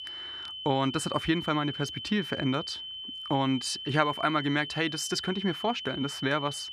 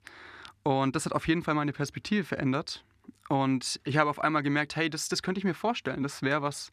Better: second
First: high-pitched whine; loud; throughout; 3 kHz, 7 dB below the speech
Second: none

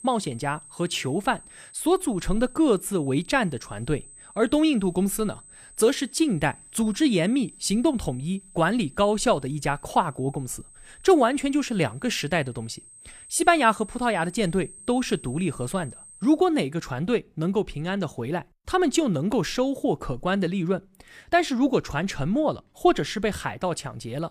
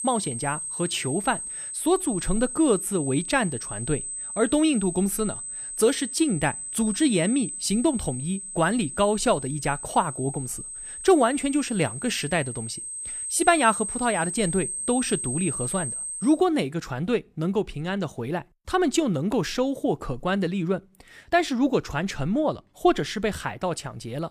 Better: first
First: high-pitched whine; faint; until 16 s; 8.5 kHz, 20 dB below the speech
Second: high-pitched whine; loud; until 16 s; 8.5 kHz, 6 dB below the speech

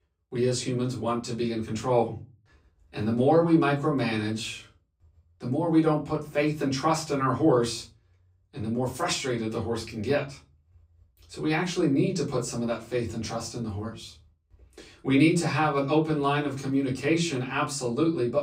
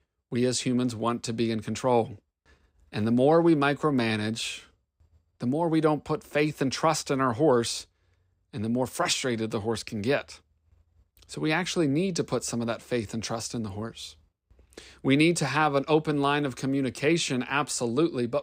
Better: second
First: off-mic speech; far // room echo; very slight; dies away in 0.3 s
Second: none

